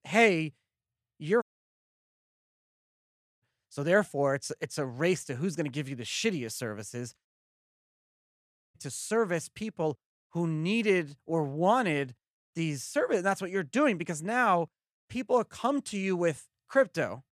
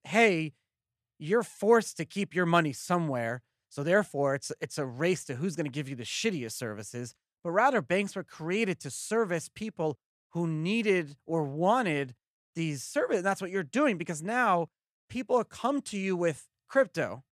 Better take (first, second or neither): second